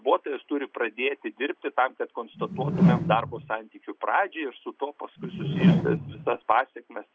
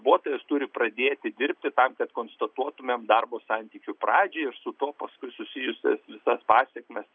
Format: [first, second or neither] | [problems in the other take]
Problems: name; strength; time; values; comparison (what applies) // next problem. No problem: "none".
second | background sound (Whoosh, swoosh, swish); 4 dB above the speech